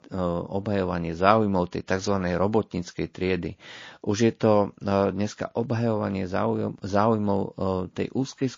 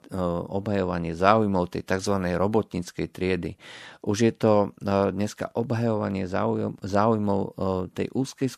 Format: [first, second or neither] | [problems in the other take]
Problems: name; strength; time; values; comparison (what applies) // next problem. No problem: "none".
second | garbled, watery; slightly; nothing above 6.5 kHz